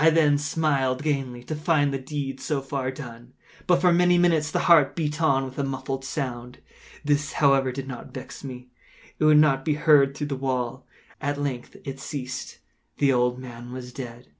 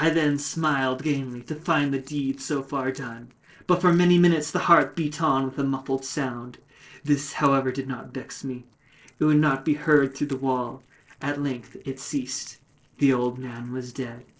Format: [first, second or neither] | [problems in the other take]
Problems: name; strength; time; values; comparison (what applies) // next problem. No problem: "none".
first | noise reduction (neural separator model SepFormer DNS4)